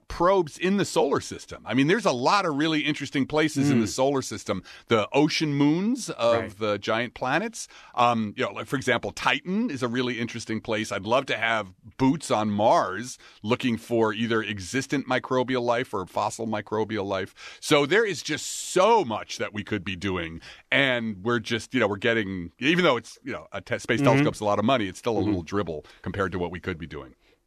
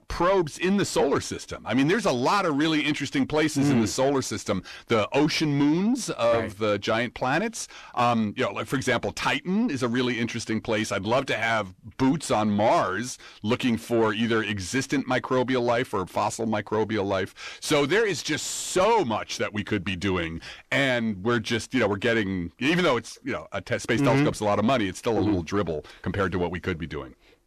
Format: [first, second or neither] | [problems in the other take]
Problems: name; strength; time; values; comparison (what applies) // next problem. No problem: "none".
first | distortion; slight; 10 dB below the speech